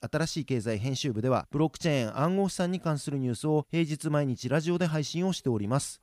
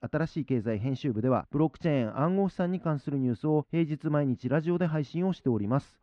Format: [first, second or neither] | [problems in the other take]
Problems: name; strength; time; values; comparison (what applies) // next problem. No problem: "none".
first | muffled; very; fading above 2 kHz